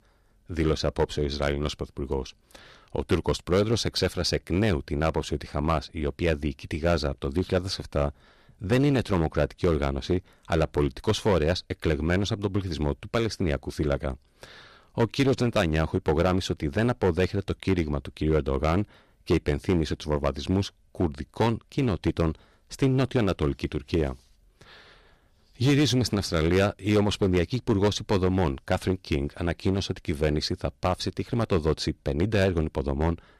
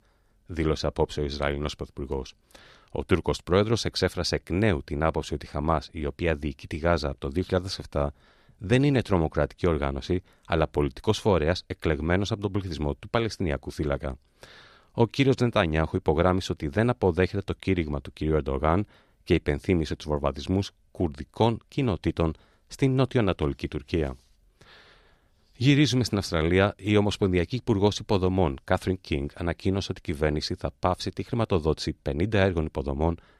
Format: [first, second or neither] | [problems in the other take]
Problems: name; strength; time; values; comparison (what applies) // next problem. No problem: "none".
second | distortion; slight; 5% of the sound clipped